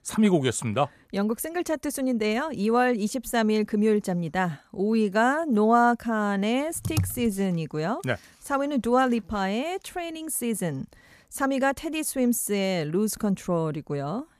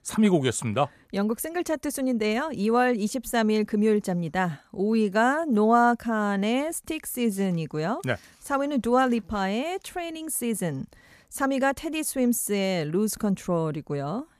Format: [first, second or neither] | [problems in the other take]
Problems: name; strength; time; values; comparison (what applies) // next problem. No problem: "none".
second | keyboard typing; noticeable; at 7 s; peak 4 dB below the speech